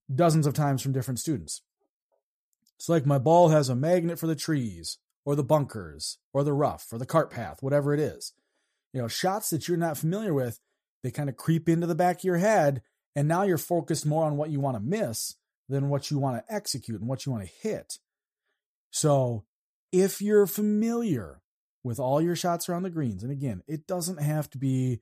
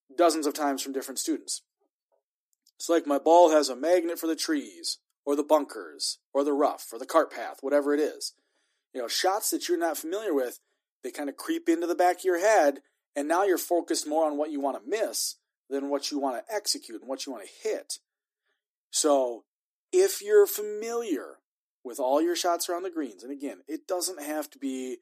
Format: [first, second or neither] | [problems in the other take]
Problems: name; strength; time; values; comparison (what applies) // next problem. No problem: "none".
first | thin; somewhat; fading below 300 Hz